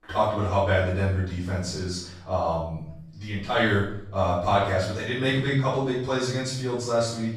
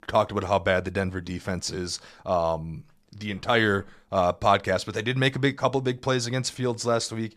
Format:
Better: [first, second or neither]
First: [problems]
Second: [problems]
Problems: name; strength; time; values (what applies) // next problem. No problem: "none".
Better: second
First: off-mic speech; far // room echo; noticeable; dies away in 0.6 s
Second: none